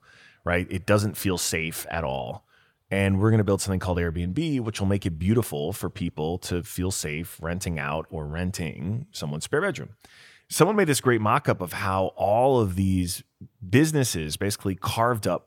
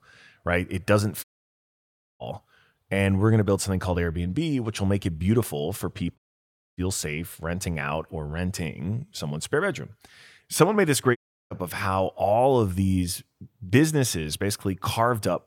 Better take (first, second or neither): first